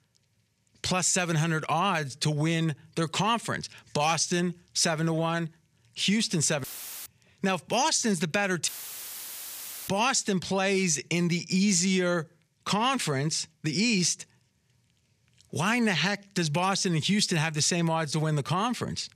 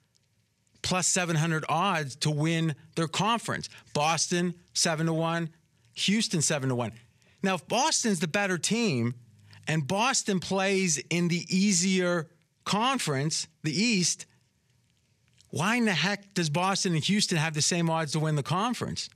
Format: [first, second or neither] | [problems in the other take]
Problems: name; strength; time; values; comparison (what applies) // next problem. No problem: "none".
second | audio cutting out; filled with static; at 6.5 s and at 8.5 s for 1 s